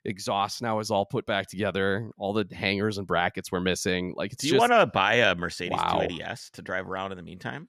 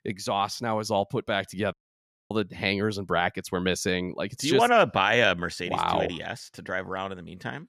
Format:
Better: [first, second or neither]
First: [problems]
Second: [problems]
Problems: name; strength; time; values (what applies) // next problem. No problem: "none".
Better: first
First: none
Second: audio cutting out; at 1.5 s for 0.5 s